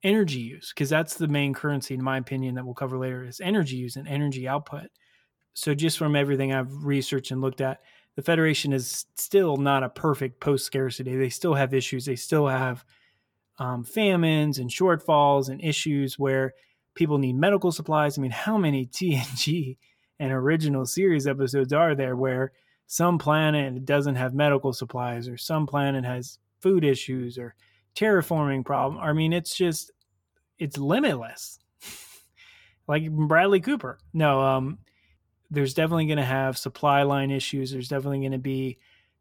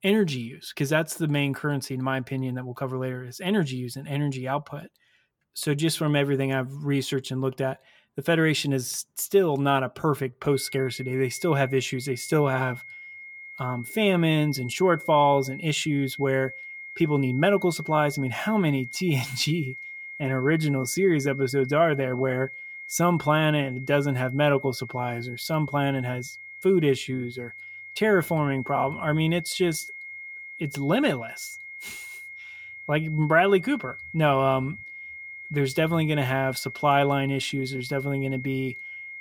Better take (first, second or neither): first